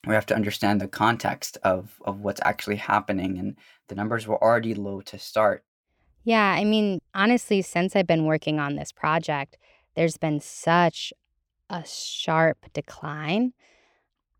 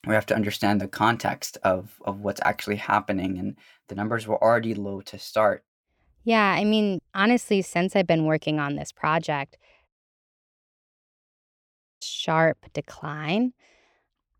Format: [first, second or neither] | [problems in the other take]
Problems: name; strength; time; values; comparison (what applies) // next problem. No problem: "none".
first | audio cutting out; at 10 s for 2 s